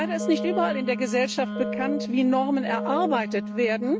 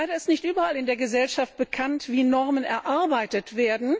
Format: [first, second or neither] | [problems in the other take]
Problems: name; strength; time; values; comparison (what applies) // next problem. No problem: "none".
second | noise reduction (neural mask model RNNoise)